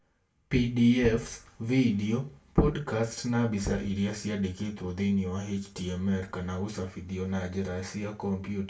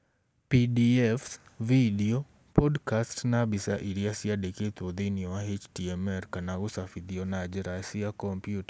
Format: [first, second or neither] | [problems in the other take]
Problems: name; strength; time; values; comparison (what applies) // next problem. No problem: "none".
second | background sound (Knock); 15 dB below the speech // room echo; dies away in 0.3 s